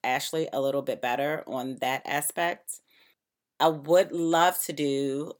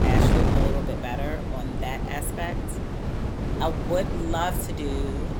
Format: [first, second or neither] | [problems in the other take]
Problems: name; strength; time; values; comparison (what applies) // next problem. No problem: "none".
first | wind noise on the microphone; heavy; 2 dB below the speech